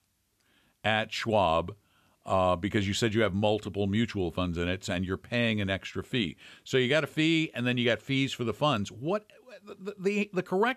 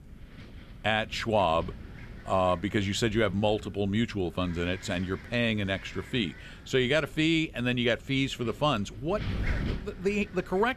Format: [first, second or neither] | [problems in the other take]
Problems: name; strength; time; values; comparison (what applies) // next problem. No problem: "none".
first | wind noise on the microphone; occasional gusts; 15 dB below the speech